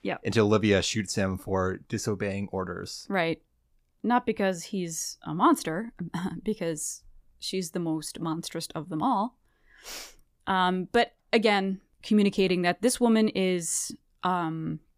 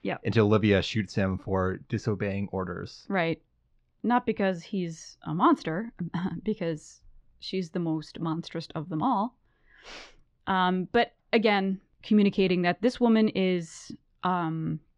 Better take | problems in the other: first | muffled; slightly; fading above 4 kHz

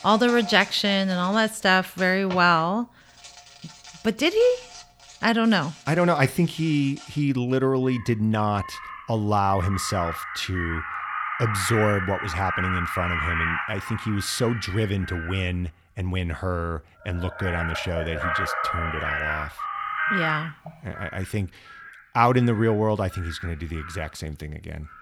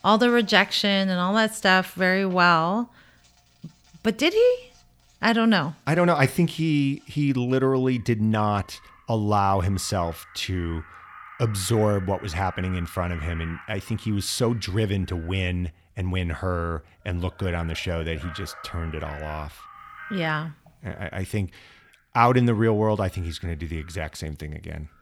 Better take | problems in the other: second | animal sounds; loud; throughout; 6 dB below the speech; faint in the second

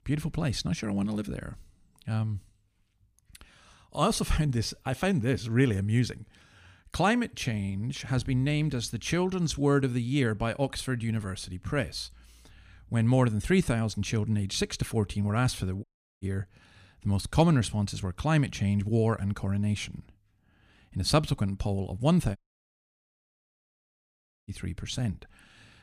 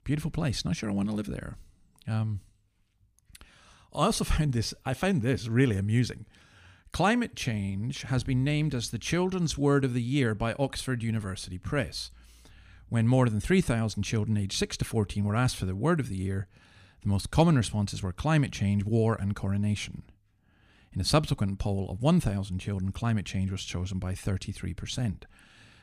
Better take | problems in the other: second | audio cutting out; at 16 s and at 22 s for 2 s

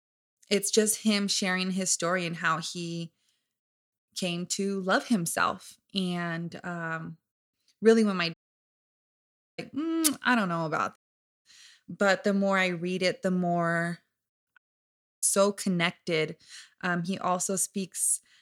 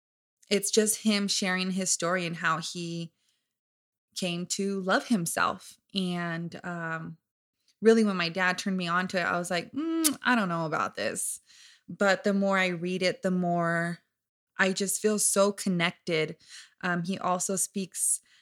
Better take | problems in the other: second | audio cutting out; at 8.5 s for 1 s, at 11 s and at 15 s for 0.5 s

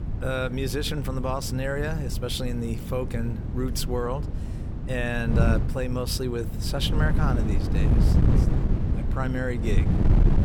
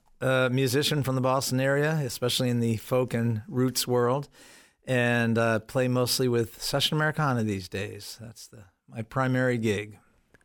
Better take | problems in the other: second | wind noise on the microphone; heavy; 6 dB below the speech

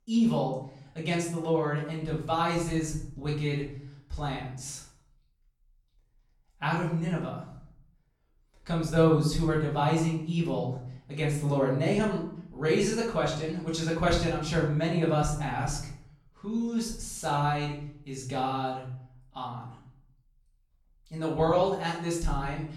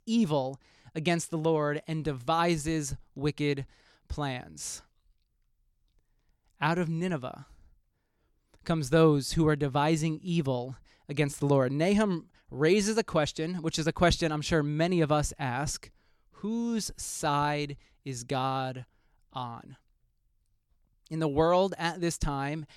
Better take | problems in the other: second | off-mic speech; far // room echo; noticeable; dies away in 0.6 s

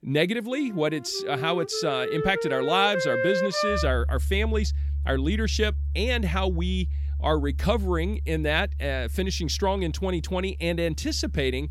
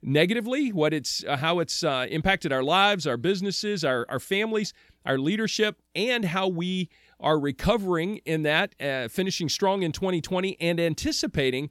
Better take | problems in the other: second | background music; loud; throughout; 3 dB below the speech

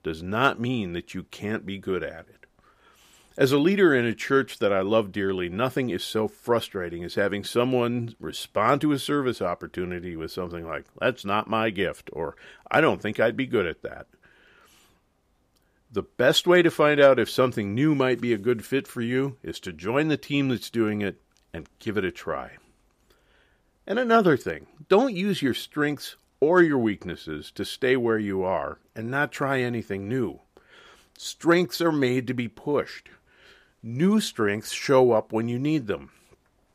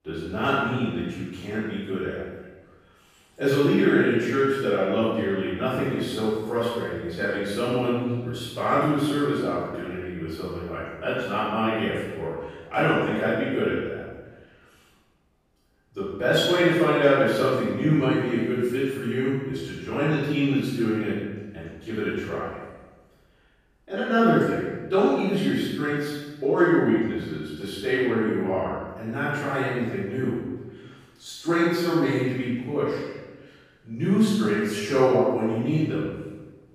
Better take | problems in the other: first | room echo; strong; dies away in 1.1 s // off-mic speech; far

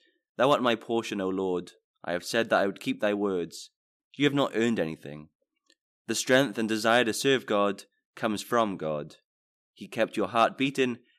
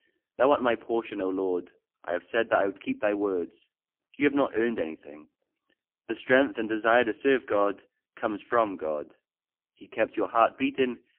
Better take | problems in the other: first | phone-call audio; poor line; nothing above 3 kHz

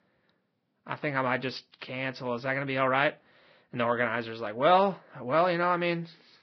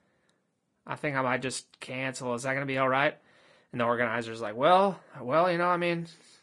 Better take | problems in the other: second | garbled, watery; badly; nothing above 5.5 kHz; slightly in the second

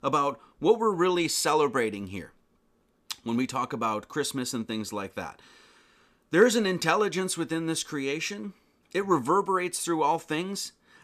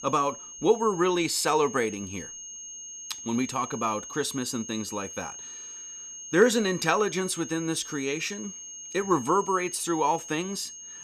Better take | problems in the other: first | high-pitched whine; noticeable; throughout; 6.5 kHz, 10 dB below the speech

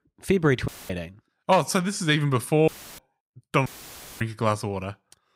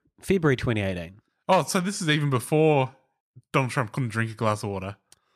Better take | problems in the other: second | audio cutting out; filled with static; at 0.5 s, at 2.5 s and at 3.5 s for 0.5 s

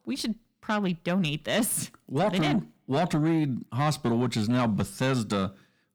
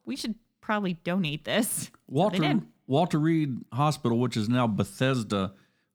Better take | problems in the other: second | distortion; slight; 10 dB below the speech

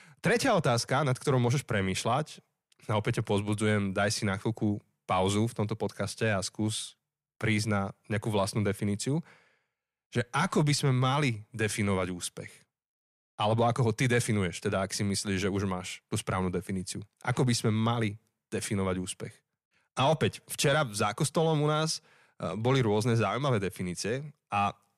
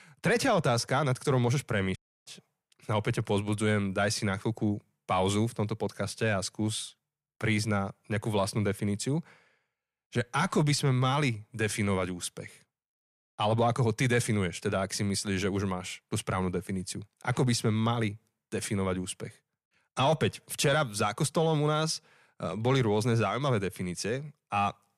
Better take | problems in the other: first | audio cutting out; at 2 s

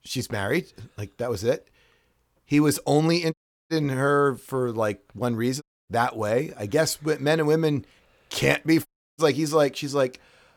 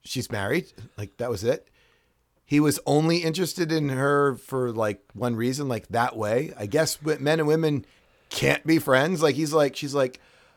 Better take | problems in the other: second | audio cutting out; at 3.5 s, at 5.5 s and at 9 s

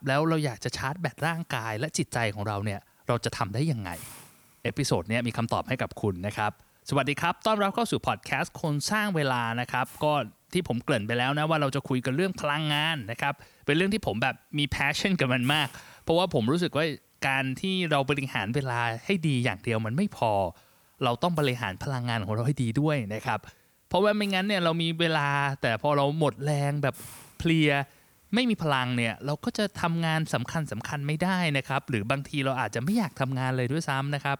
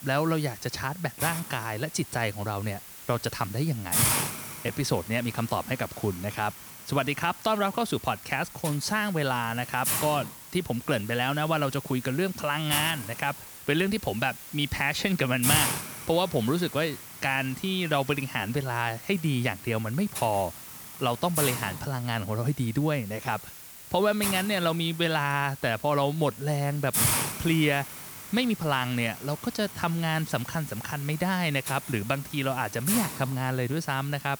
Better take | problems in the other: first | hiss; loud; throughout; 6 dB below the speech; faint in the first

